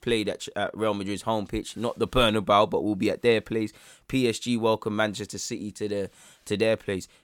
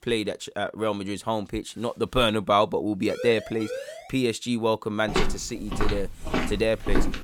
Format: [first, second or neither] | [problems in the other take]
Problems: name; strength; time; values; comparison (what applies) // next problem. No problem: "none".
first | siren; noticeable; from 3 to 4 s; peak 9 dB below the speech // footsteps; noticeable; from 5 s on; peak 1 dB below the speech